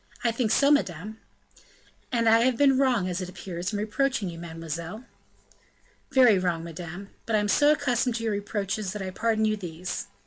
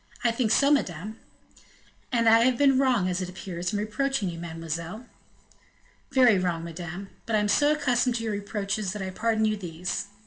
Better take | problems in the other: first | room echo; dies away in 0.5 s

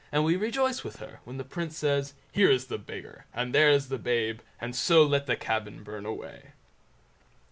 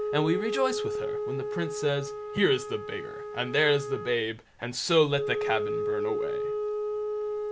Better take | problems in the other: first | background sound (Wind instrument, woodwind instrument); 3 dB below the speech

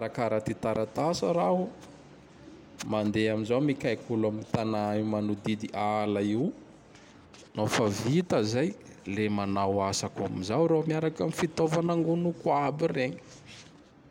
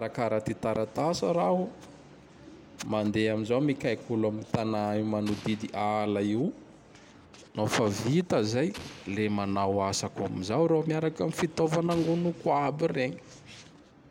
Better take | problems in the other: first | background sound (Explosion); 19 dB below the speech

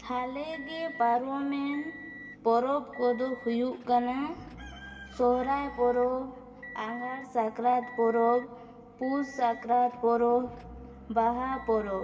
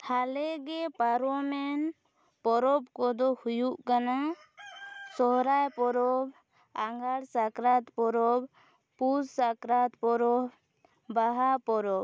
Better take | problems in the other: second | background sound (Motor vehicle (road) / Engine); 18 dB below the speech // room echo; dies away in 1.7 s

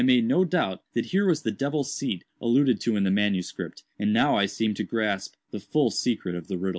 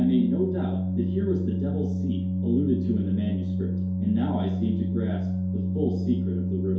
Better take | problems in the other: first | background sound (Organ); 2 dB above the speech // room echo; dies away in 2.4 s

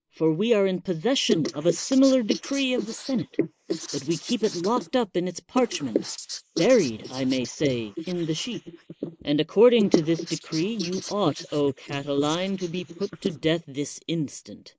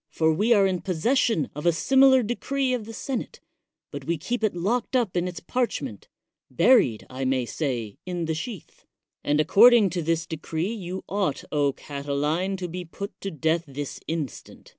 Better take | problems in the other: second | noise reduction (neural mask model Resemble Enhance denoiser)

